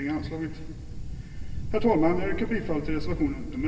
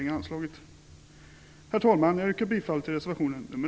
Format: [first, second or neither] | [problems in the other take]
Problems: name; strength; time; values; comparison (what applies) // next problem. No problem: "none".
second | background sound (Thunder); 2 dB below the speech // room echo; dies away in 2.3 s